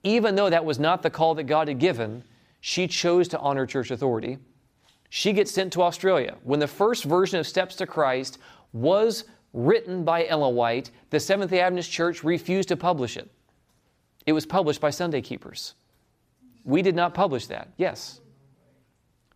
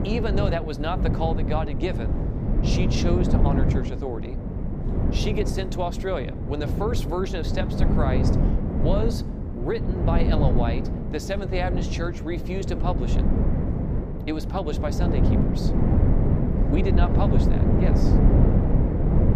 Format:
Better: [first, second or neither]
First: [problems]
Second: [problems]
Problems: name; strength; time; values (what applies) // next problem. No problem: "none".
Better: first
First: none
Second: wind noise on the microphone; heavy; 2 dB below the speech